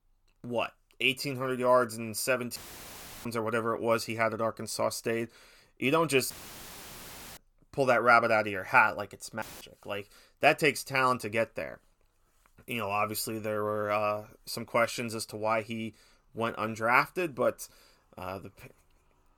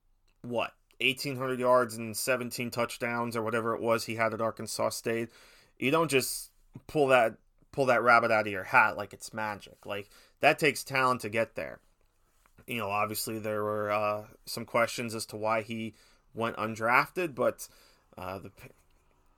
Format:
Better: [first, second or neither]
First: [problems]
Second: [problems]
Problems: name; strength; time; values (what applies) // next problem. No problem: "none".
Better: second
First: audio cutting out; filled with static; at 2.5 s for 0.5 s, at 6.5 s for 1 s and at 9.5 s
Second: none